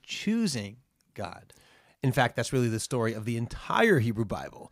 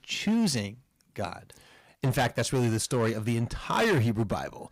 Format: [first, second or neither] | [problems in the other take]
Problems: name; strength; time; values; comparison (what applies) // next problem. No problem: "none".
first | distortion; heavy; 10% of the sound clipped